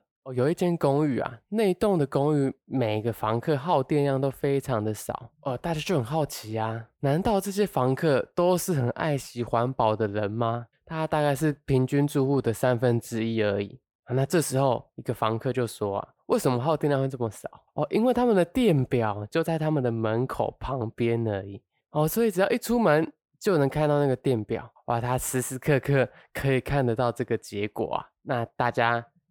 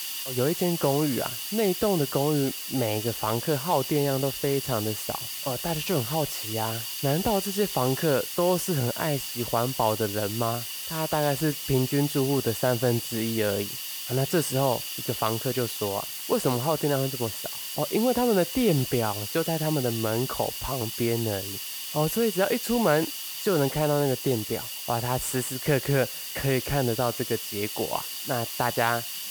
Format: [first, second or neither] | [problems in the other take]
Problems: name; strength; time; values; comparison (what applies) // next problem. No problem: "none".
first | hiss; loud; throughout; 5 dB below the speech